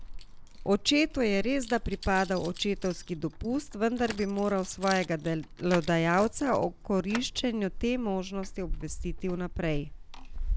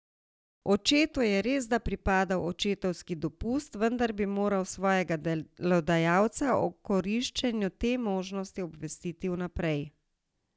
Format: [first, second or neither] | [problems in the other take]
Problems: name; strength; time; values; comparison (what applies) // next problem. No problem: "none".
second | background sound (Keys jangling); 9 dB below the speech